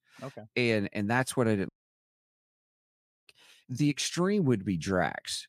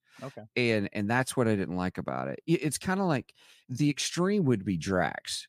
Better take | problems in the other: second | audio cutting out; at 1.5 s for 1.5 s

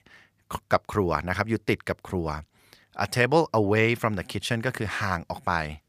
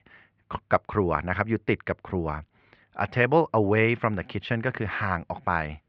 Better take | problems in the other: first | muffled; very; fading above 3 kHz

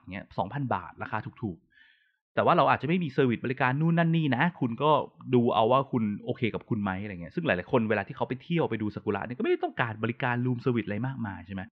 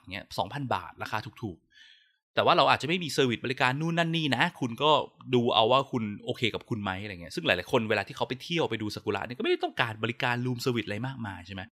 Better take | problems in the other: second | muffled; very; fading above 2 kHz

